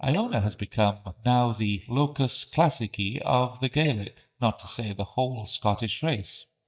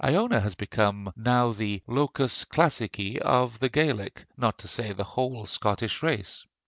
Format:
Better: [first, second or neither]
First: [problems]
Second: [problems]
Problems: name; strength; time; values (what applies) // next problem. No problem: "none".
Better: second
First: noise reduction (neural mask model DeepFilterNet 3)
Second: none